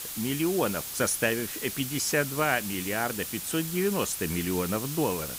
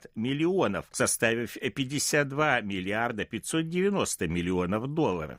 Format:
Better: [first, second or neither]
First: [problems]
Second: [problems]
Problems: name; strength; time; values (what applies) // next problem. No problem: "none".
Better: second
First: hiss; loud; throughout; 5 dB below the speech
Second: none